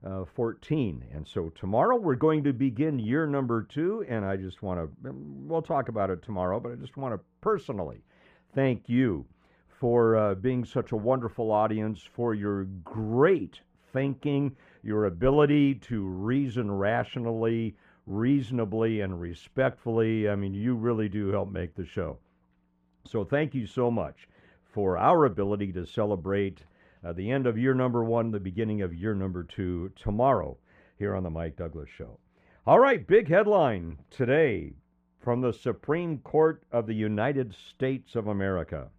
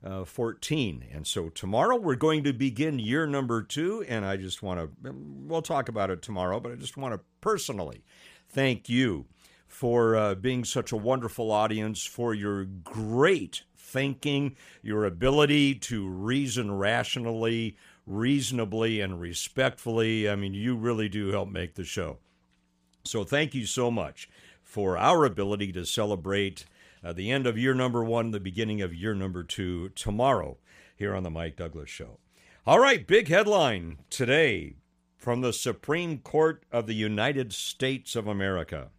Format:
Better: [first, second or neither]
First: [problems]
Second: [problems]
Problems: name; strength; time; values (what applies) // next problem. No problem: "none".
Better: second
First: muffled; very; fading above 3.5 kHz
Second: none